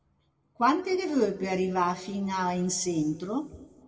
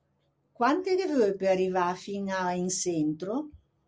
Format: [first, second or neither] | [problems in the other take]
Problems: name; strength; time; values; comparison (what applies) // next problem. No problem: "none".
second | room echo; dies away in 1 s